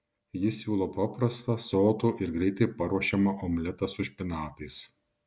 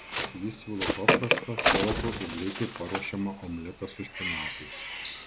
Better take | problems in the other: first | background sound (Bird); 4 dB above the speech

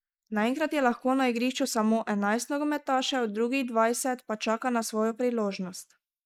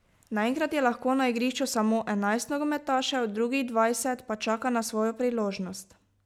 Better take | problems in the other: second | noise reduction (neural mask model Resemble Enhance denoiser)

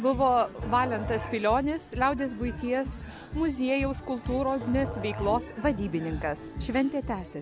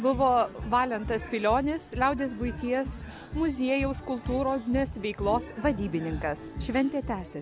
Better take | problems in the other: second | background sound (Musical instrument); 14 dB below the speech

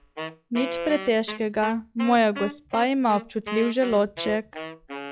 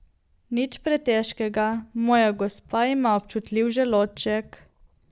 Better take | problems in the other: second | noise reduction (classical method log-MMSE)

